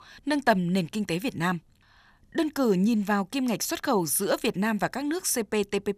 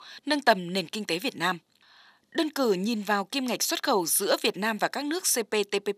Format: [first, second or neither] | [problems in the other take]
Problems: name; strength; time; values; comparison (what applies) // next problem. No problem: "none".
first | thin; very slightly; fading below 300 Hz